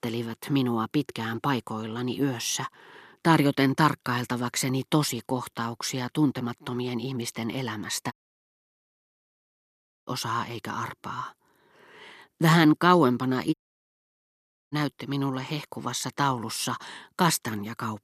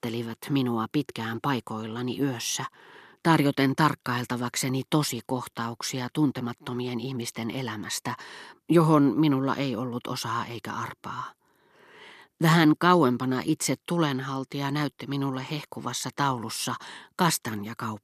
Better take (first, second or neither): second